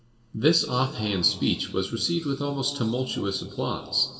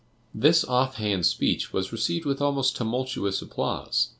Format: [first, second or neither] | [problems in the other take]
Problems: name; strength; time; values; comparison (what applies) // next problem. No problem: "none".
second | room echo; dies away in 1.8 s